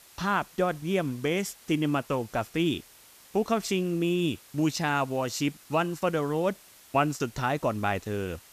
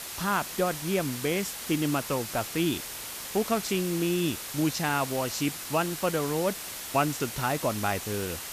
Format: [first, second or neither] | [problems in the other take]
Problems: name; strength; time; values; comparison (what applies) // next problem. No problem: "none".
first | hiss; loud; throughout; 6 dB below the speech; faint in the first